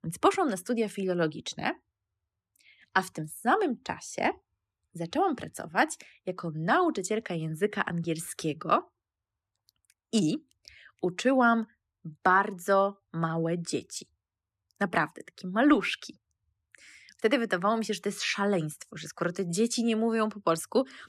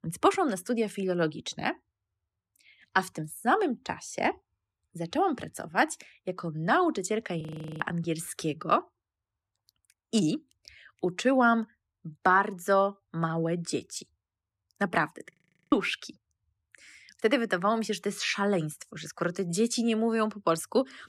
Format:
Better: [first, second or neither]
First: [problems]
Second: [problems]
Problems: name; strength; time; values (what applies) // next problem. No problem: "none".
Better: first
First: none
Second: audio freezing; at 7.5 s and at 15 s